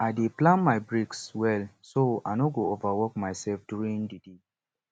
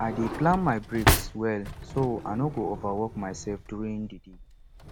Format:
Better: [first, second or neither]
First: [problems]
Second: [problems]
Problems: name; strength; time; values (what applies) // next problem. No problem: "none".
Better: first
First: none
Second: background sound (Drawer open or close); 3 dB below the speech